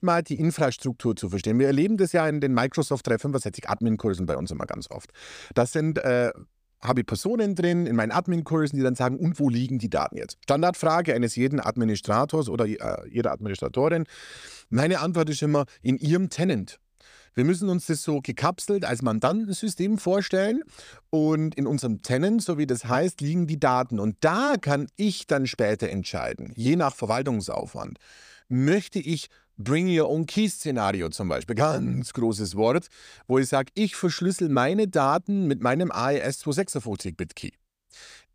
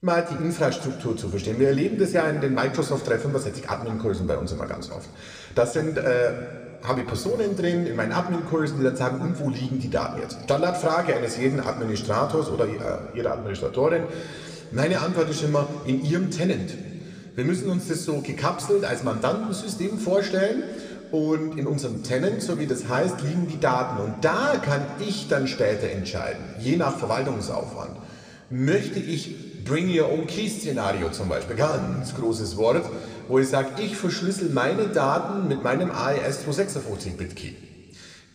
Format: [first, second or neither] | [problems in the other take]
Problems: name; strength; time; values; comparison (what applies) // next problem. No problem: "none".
first | room echo; slight; dies away in 2.2 s